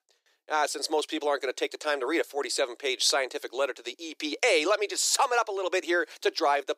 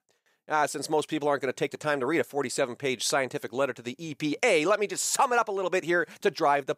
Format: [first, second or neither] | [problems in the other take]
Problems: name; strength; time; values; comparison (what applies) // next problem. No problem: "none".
second | thin; somewhat; fading below 300 Hz